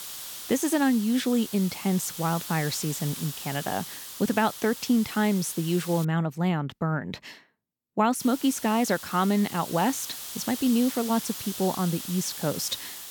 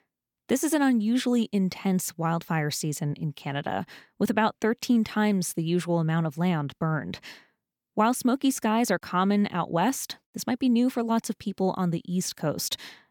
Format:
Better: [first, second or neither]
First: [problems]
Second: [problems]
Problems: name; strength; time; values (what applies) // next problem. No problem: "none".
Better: second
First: hiss; loud; until 6 s and from 8 s on; 9 dB below the speech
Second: none